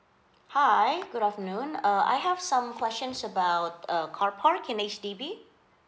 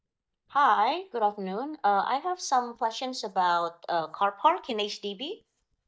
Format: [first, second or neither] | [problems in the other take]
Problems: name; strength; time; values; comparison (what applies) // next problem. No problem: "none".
first | noise reduction (neural mask model DeepFilterNet 3)